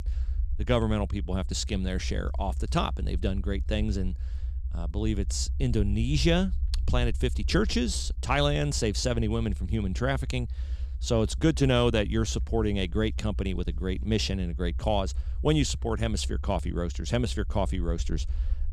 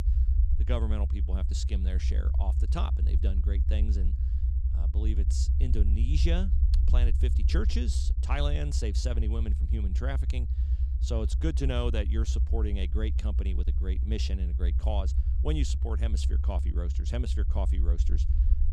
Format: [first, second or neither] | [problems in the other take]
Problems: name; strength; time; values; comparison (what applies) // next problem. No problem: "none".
first | low rumble; loud; throughout; 8 dB below the speech; faint in the first